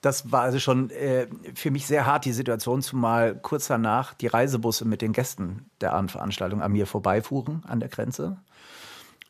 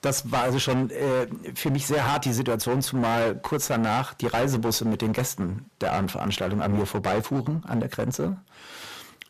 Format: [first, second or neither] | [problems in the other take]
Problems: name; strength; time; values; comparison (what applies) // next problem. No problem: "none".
first | distortion; heavy; 21% of the sound clipped